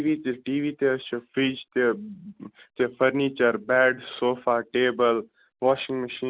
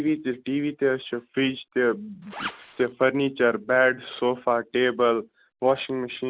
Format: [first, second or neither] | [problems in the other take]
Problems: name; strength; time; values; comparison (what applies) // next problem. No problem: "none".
first | background sound (Zipper (clothing)); 12 dB below the speech